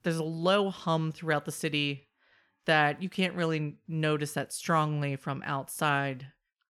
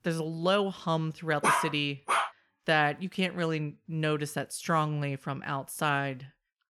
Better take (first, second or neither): first